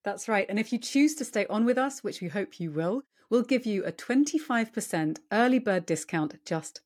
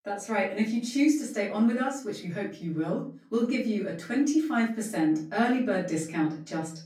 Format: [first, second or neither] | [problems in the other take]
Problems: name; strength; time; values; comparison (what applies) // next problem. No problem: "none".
first | off-mic speech; far // room echo; slight; dies away in 0.3 s